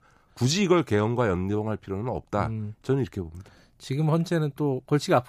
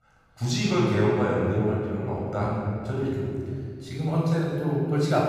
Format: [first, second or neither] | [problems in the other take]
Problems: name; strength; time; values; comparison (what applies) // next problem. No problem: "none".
first | off-mic speech; far // room echo; strong; dies away in 2.2 s